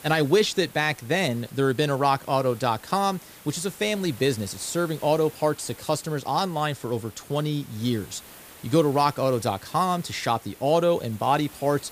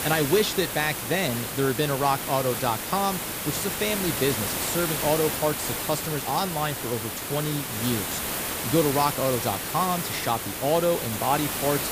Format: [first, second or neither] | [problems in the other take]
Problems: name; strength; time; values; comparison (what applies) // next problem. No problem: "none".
first | hiss; loud; throughout; 2 dB below the speech; faint in the first